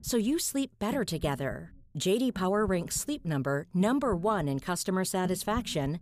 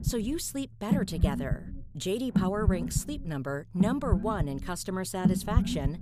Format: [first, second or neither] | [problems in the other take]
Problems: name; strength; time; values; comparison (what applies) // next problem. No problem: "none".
first | low rumble; loud; throughout; 5 dB below the speech; faint in the first